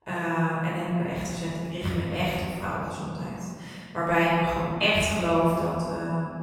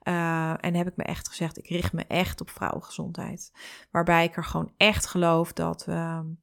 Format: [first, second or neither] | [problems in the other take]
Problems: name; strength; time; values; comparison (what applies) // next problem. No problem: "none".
second | off-mic speech; far // room echo; strong; dies away in 1.9 s